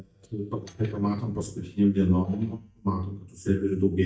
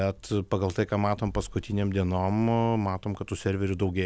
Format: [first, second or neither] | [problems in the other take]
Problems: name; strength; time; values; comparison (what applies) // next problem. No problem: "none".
second | noise reduction (neural mask model DeepFilterNet 3)